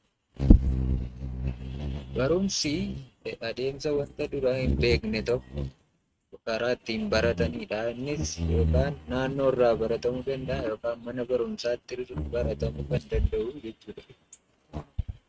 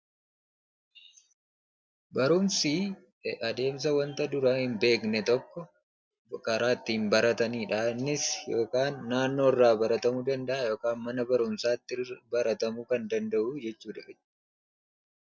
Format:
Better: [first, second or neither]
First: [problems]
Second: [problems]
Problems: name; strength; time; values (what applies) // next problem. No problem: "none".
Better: second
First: noise reduction (neural mask model RNNoise)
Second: none